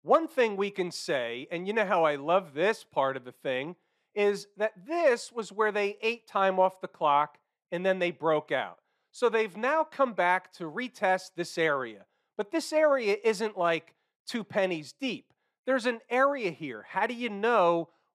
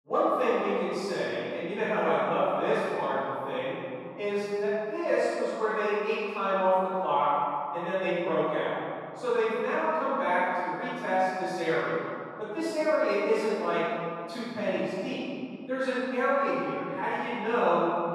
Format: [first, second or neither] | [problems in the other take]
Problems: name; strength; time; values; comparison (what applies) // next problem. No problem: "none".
first | off-mic speech; far // room echo; strong; dies away in 2.4 s